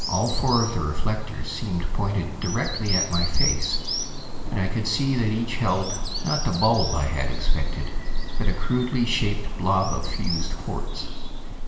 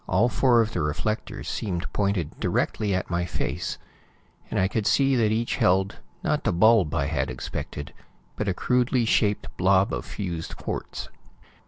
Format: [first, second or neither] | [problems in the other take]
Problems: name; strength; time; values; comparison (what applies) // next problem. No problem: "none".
second | background sound (Bird vocalization, bird call, bird song); as loud as the speech // room echo; dies away in 1.1 s